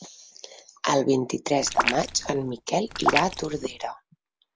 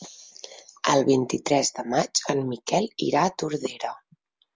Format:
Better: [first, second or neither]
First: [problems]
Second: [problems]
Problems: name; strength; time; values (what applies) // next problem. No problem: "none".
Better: second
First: background sound (Raindrop); 2 dB below the speech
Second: none